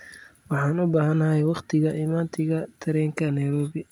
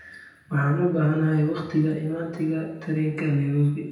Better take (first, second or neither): first